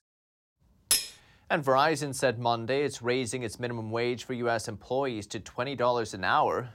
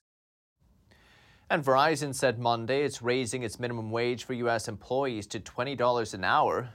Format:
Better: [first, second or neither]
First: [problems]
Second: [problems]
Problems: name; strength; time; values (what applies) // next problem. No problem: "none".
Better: second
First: clattering dishes; loud; at 1 s; peak 3 dB above the speech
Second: none